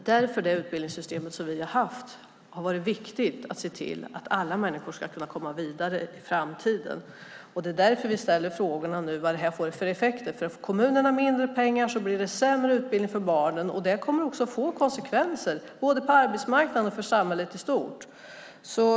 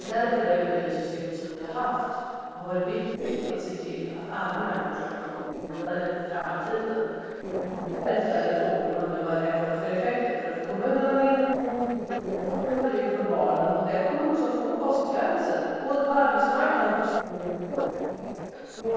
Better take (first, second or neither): first